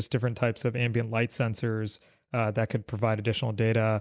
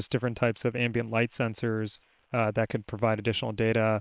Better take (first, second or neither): first